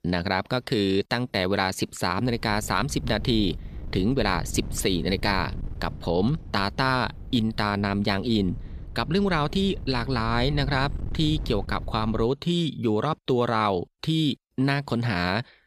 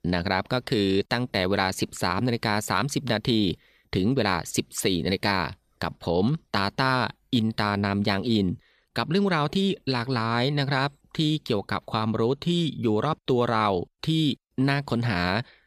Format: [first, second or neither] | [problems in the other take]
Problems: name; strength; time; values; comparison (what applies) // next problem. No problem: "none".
second | wind noise on the microphone; occasional gusts; from 2 to 12 s; 25 dB below the speech